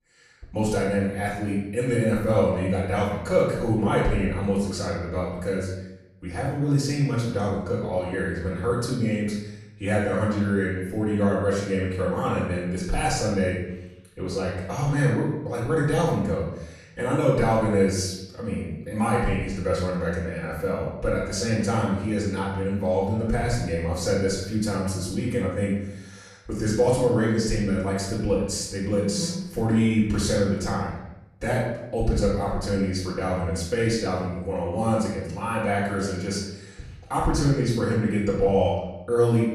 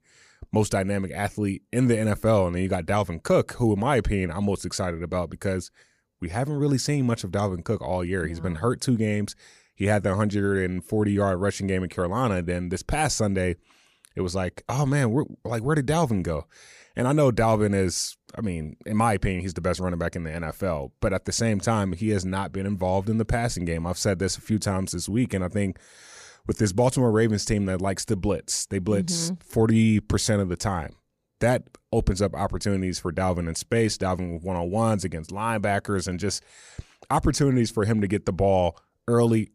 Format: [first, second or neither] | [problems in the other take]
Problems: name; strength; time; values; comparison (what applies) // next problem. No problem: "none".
second | off-mic speech; far // room echo; noticeable; dies away in 0.8 s